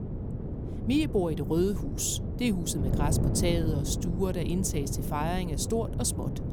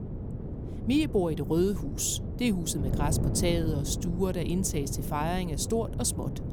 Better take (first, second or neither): second